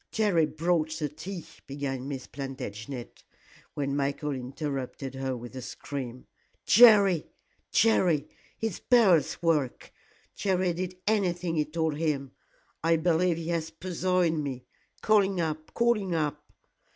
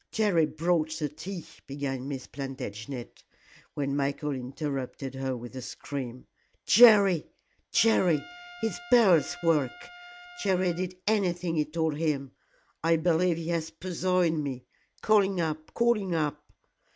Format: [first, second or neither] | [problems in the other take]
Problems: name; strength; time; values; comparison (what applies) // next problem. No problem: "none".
first | background sound (Trumpet); 19 dB below the speech